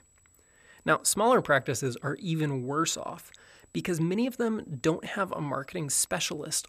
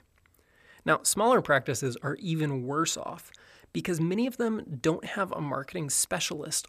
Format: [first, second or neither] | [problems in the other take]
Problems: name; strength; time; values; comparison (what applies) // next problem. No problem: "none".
second | high-pitched whine; faint; throughout; 8 kHz, 35 dB below the speech